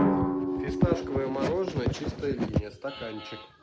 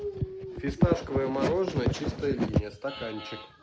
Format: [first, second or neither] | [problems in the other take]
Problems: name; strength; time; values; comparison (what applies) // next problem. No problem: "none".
second | background sound (Drum); 2 dB below the speech